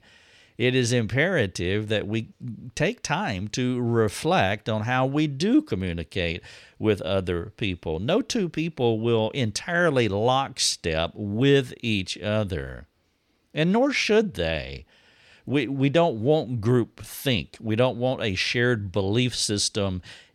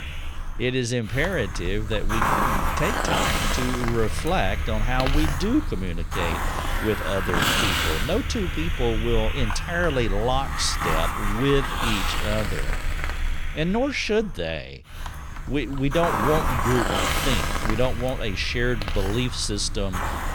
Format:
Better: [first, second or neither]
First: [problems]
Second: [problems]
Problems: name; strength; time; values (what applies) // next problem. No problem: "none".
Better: first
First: none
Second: hiss; loud; throughout; 1 dB below the speech